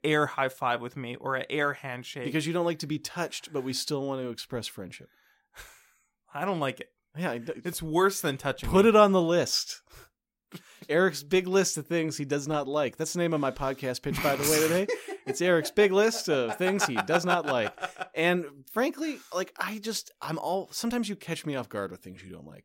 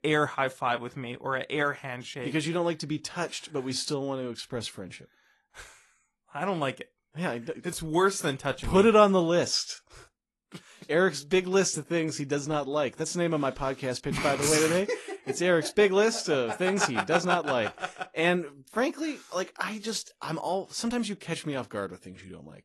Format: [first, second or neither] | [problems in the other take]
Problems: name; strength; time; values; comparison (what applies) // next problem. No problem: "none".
first | garbled, watery; slightly; nothing above 11.5 kHz